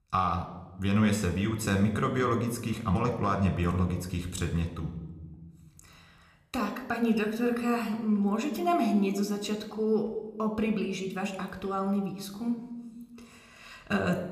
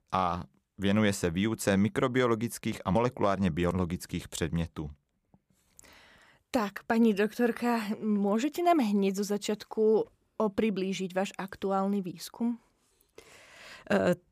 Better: second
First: room echo; slight; dies away in 1 s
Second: none

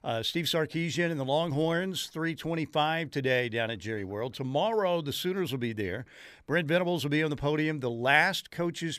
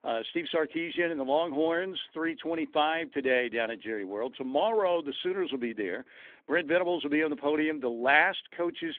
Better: first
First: none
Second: phone-call audio; nothing above 3.5 kHz

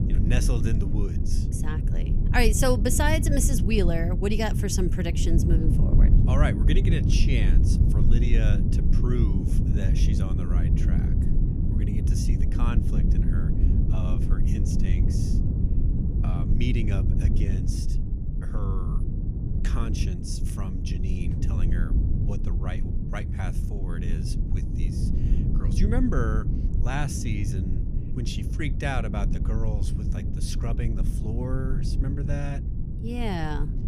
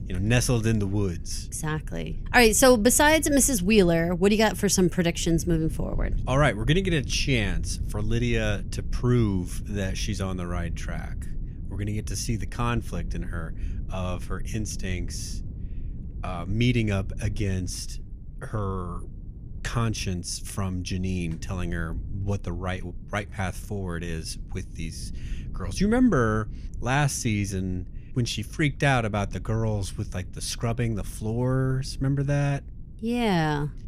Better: second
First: low rumble; loud; throughout; 5 dB below the speech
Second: low rumble; faint; throughout; 25 dB below the speech

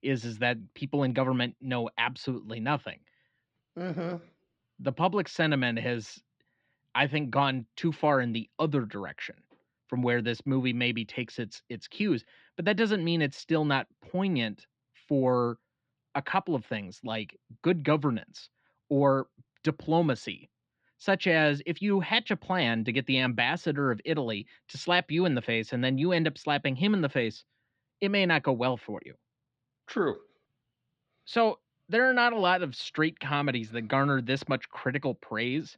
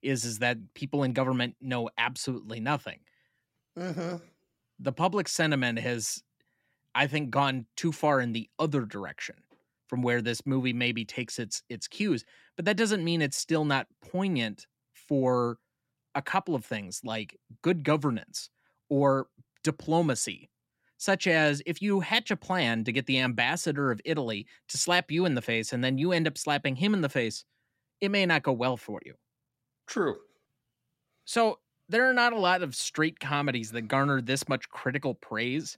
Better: second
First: muffled; slightly; fading above 4 kHz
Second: none

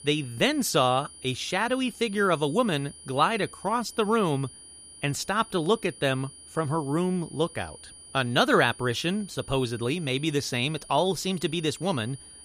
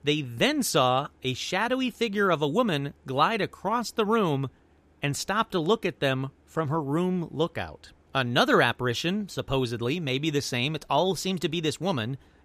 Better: second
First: high-pitched whine; noticeable; throughout; 9.5 kHz, 20 dB below the speech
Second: none

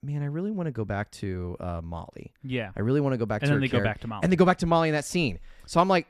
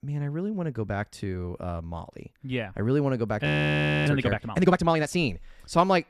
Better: first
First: none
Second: audio freezing; at 3.5 s for 0.5 s

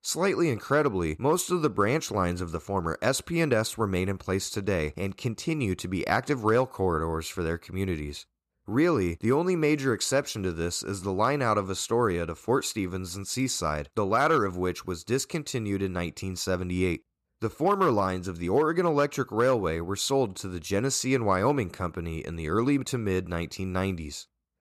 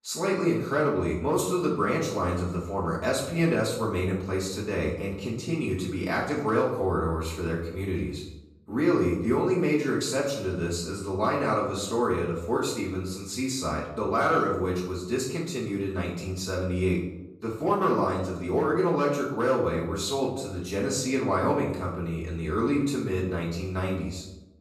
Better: first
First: none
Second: off-mic speech; far // room echo; noticeable; dies away in 0.7 s

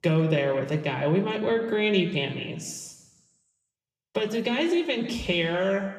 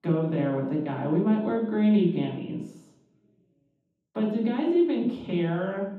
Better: first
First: room echo; slight; dies away in 1.1 s // off-mic speech; somewhat distant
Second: room echo; strong; dies away in 0.9 s // off-mic speech; far

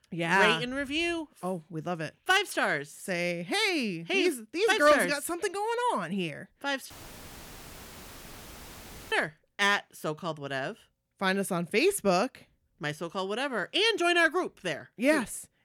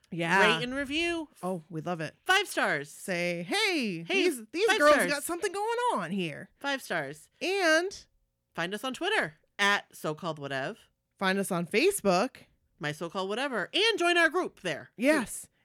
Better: second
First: audio cutting out; filled with static; at 7 s for 2 s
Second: none

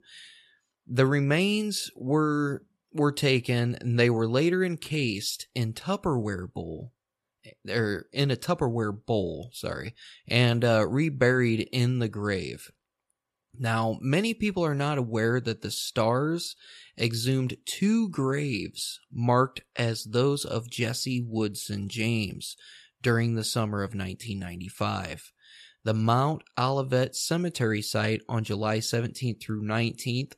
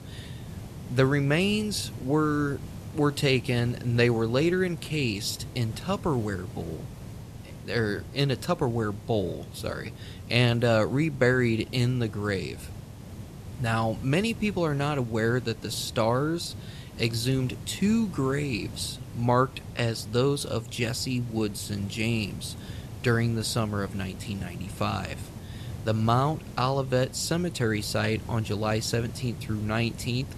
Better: first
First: none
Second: hiss; noticeable; throughout; 15 dB below the speech

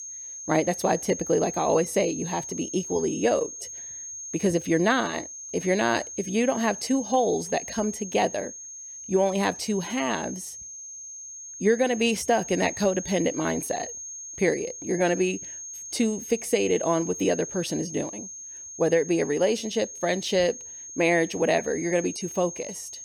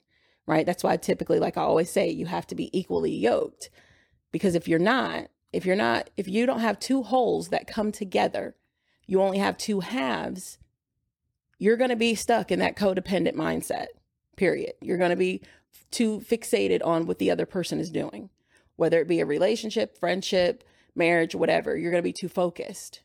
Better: second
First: high-pitched whine; loud; throughout; 6.5 kHz, 10 dB below the speech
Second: none

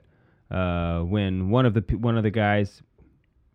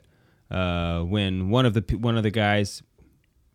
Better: second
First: muffled; very; fading above 4 kHz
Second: none

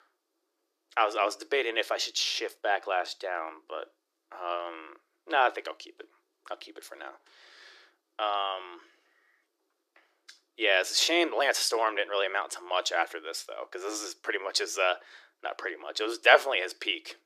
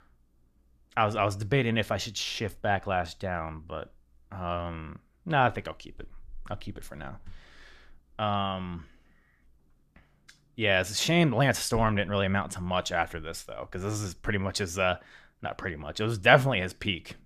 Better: second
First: thin; very; fading below 350 Hz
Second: none

